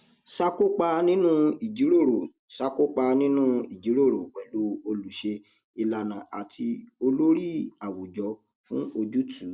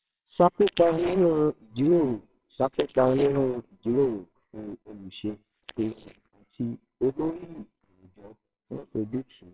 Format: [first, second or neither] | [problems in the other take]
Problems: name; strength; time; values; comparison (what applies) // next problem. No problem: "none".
first | noise reduction (neural separator model SepFormer WHAMR!)